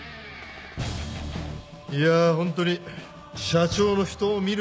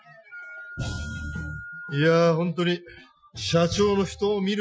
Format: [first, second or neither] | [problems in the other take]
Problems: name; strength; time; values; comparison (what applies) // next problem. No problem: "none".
first | noise reduction (classical method Wiener filter)